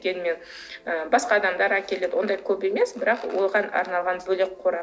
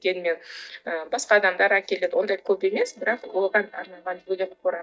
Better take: first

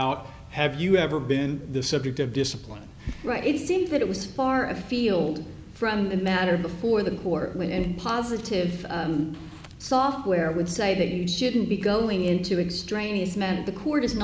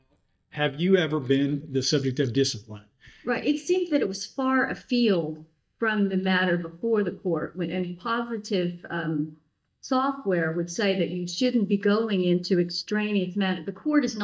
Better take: first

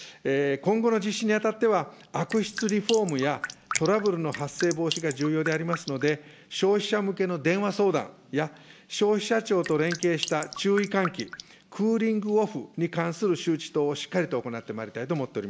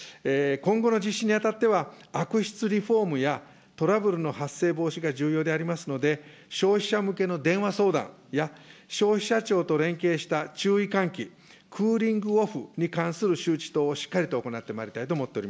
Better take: second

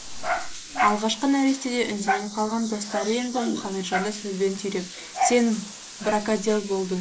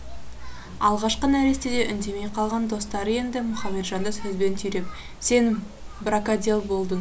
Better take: second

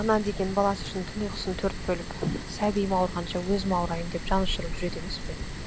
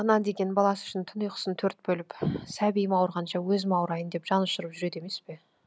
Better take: second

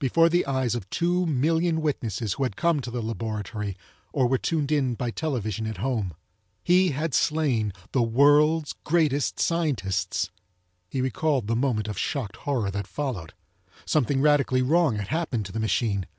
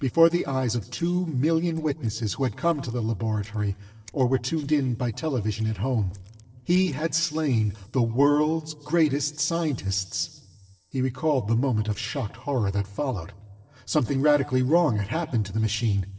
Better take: first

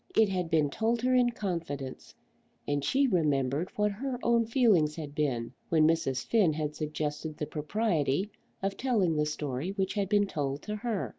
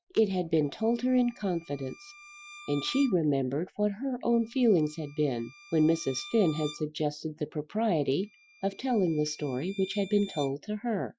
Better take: first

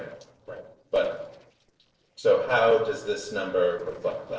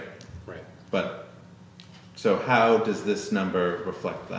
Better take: second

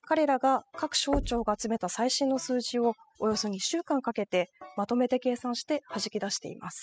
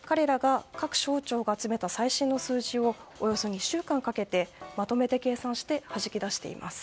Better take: second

